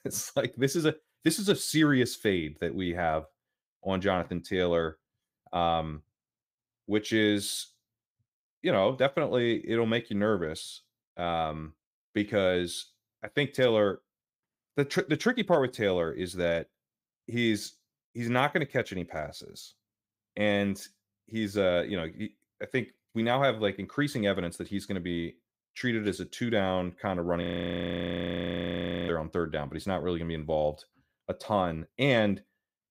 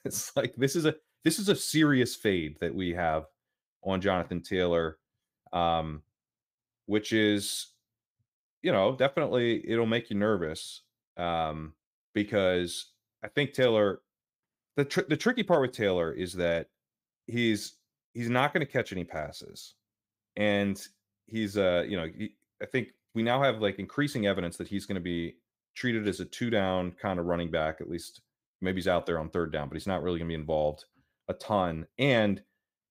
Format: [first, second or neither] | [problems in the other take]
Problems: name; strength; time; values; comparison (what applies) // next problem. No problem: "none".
second | audio freezing; at 27 s for 1.5 s